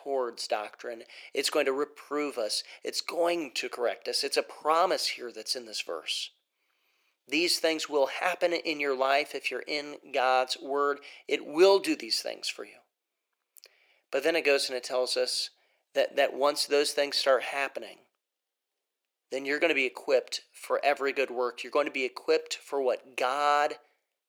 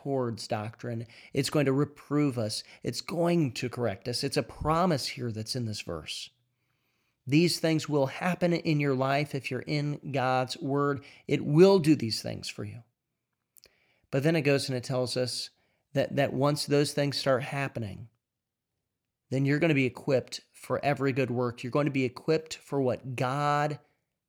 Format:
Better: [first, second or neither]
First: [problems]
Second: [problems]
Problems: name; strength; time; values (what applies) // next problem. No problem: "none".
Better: second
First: thin; very; fading below 400 Hz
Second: none